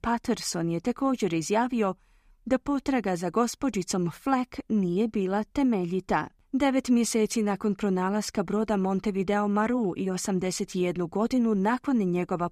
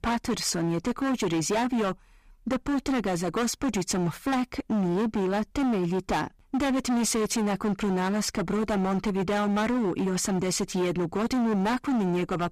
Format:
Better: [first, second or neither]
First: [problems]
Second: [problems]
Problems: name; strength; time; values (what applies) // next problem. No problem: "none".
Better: first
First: none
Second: distortion; heavy; 28% of the sound clipped